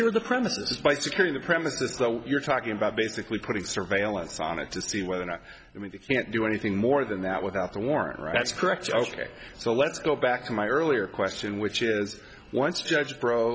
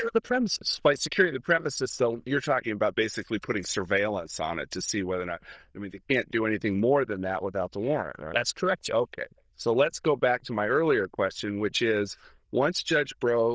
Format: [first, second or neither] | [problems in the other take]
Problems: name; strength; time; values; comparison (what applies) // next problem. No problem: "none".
first | noise reduction (neural diffusion model UNIVERSE++)